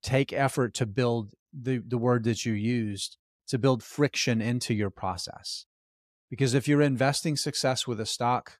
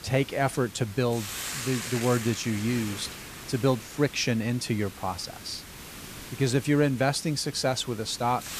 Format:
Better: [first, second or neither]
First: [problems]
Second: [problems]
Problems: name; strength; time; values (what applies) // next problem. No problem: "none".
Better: first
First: none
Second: hiss; noticeable; throughout; 10 dB below the speech